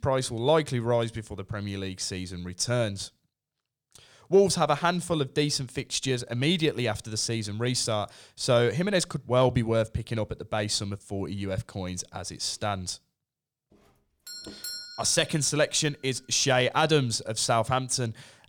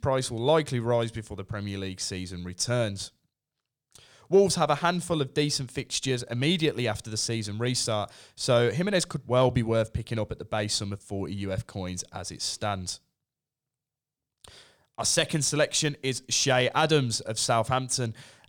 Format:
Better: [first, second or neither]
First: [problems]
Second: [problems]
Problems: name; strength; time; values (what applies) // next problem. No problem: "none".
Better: second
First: doorbell; noticeable; at 14 s; peak 9 dB below the speech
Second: none